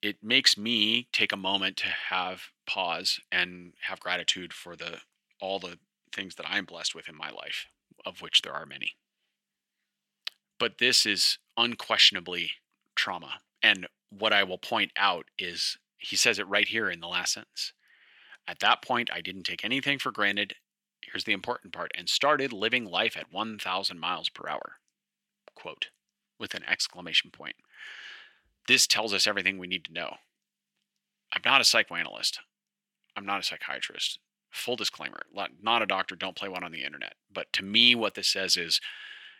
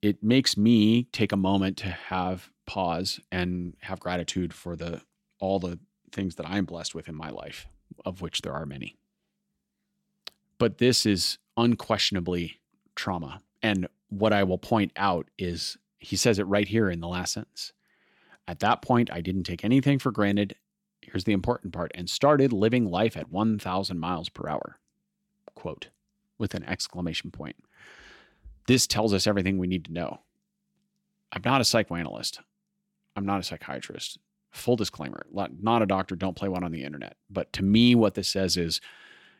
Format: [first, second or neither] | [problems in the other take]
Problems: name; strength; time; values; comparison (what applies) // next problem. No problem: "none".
second | thin; somewhat; fading below 1 kHz